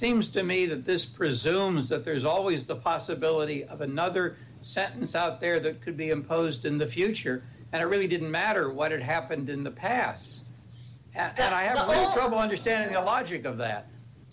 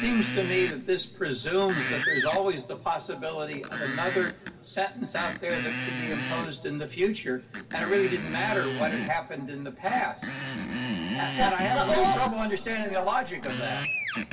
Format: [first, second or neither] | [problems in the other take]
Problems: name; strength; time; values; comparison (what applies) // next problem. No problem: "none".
first | background sound (Screech); 5 dB below the speech // room echo; dies away in 2.7 s